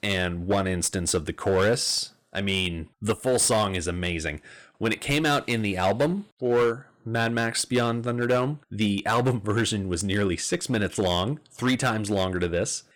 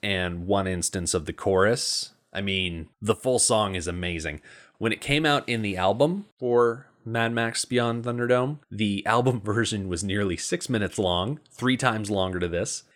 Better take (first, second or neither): second